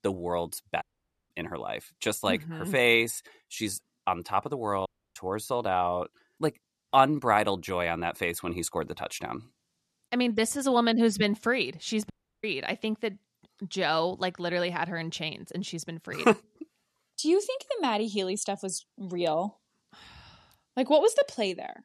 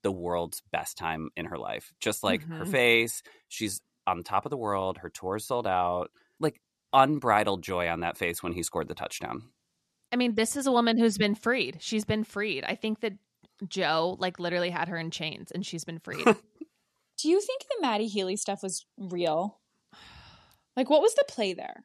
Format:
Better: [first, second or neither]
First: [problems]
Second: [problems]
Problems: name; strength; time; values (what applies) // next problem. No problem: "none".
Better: second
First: audio cutting out; at 1 s, at 5 s and at 12 s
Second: none